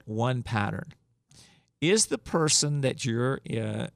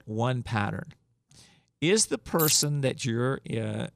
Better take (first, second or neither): first